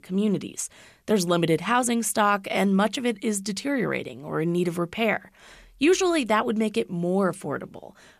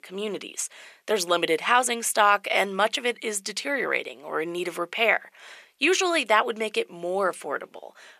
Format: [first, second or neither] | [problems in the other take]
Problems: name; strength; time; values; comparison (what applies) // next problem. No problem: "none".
first | thin; very; fading below 500 Hz